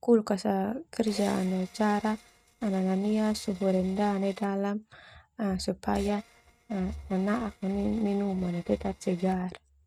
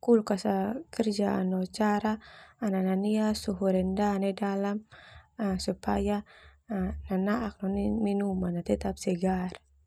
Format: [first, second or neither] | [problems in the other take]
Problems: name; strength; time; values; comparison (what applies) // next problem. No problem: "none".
second | noise reduction (neural mask model RNNoise)